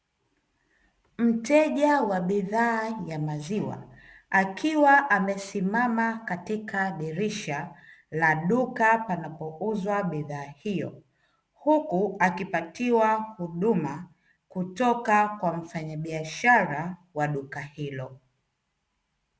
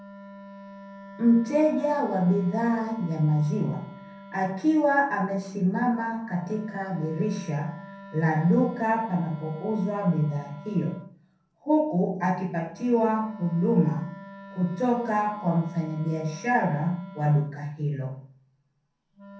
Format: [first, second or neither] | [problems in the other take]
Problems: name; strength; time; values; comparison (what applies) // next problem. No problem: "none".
first | background sound (Wind instrument, woodwind instrument); 19 dB below the speech // room echo; dies away in 0.5 s